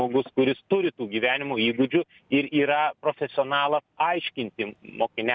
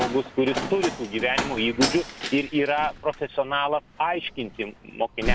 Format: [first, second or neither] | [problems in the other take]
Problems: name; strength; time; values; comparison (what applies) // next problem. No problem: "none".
first | background sound (Slam); 6 dB below the speech